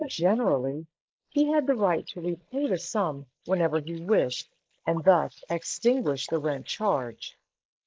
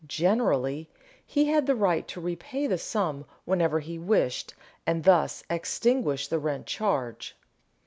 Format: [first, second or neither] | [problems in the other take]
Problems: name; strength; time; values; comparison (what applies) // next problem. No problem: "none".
second | noise reduction (neural mask model Resemble Enhance denoiser)